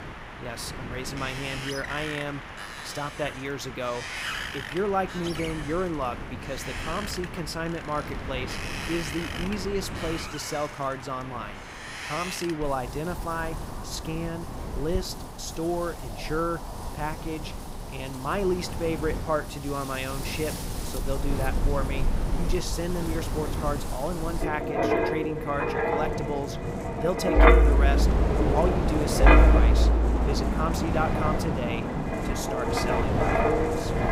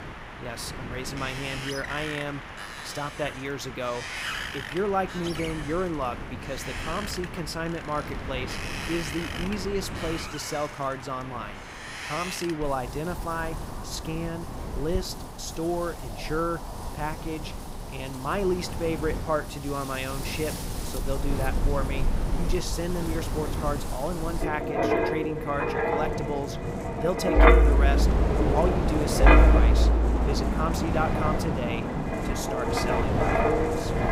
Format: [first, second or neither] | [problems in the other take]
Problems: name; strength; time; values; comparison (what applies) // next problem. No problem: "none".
neither | wind in the background; very loud; throughout; 4 dB above the speech; the same in both